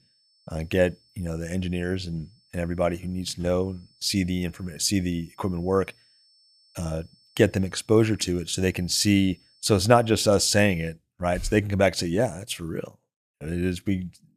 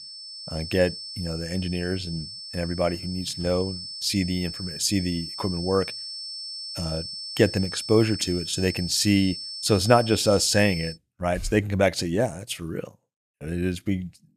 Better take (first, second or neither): first